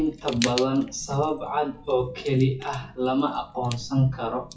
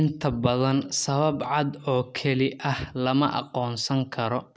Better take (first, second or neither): second